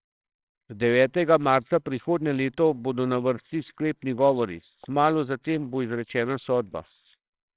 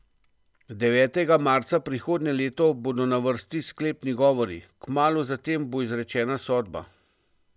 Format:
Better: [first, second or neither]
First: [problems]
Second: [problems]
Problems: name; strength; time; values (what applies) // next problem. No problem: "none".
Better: second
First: noise reduction (neural separator model SepFormer WHAMR!)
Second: none